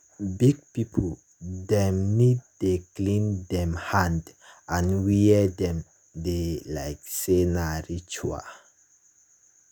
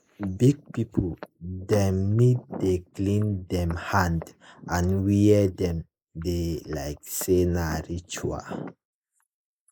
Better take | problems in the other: first | noise reduction (neural mask model Resemble Enhance denoiser)

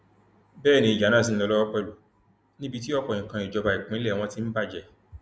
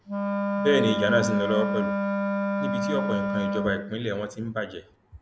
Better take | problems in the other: first | background sound (Wind instrument, woodwind instrument); as loud as the speech

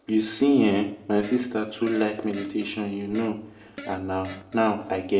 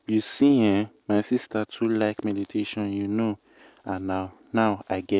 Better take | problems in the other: second | background sound (Fart); 19 dB below the speech // room echo; dies away in 0.6 s

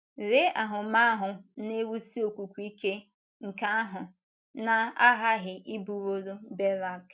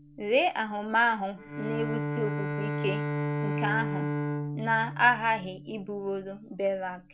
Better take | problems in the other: first | background sound (Bowed string instrument); 4 dB below the speech

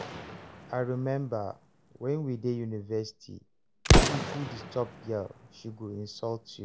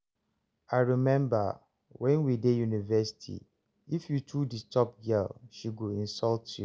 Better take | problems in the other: second | background sound (Explosion); 3 dB above the speech

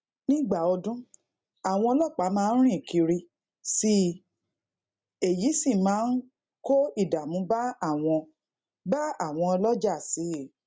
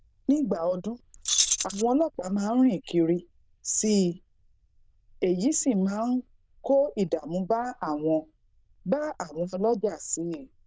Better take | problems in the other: first | noise reduction (neural diffusion model UNIVERSE++)

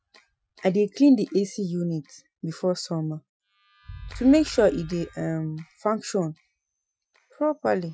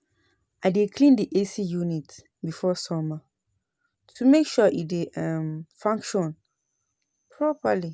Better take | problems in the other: second | noise reduction (classical method Wiener filter)

